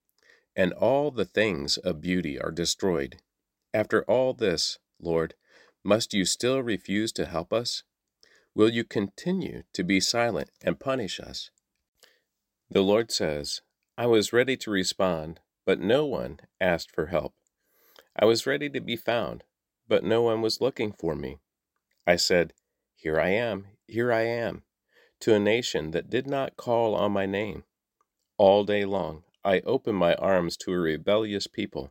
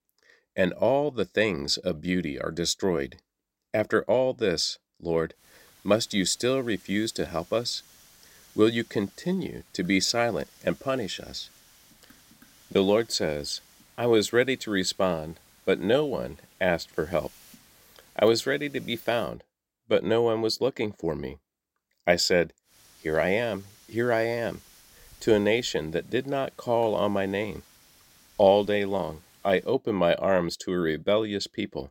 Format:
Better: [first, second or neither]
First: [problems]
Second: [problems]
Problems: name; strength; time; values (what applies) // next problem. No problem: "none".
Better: first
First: none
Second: hiss; faint; from 5.5 to 19 s and from 23 to 30 s; 25 dB below the speech